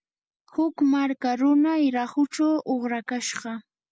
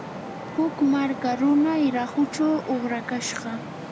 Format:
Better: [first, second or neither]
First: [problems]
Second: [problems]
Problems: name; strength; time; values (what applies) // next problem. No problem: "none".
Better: first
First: none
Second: background sound (Traffic noise, roadway noise); 11 dB below the speech